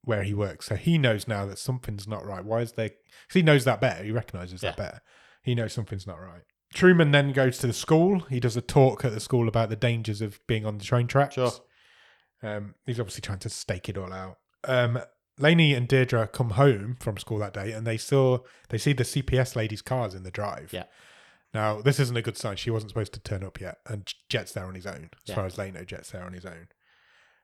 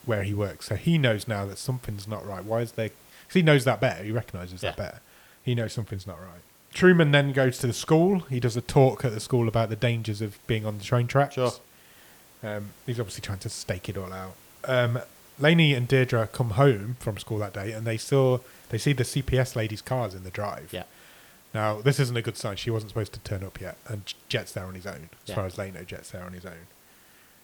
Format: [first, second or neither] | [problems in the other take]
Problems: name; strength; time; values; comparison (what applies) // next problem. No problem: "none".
first | hiss; faint; throughout; 25 dB below the speech